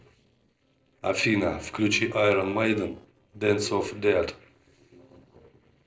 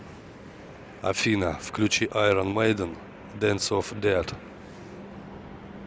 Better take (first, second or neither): second